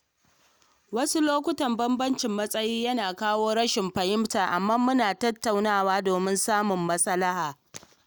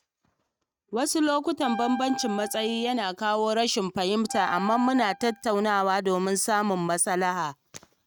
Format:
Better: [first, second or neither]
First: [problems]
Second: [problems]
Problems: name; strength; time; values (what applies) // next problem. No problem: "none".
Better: first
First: none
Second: noise reduction (neural mask model RNNoise)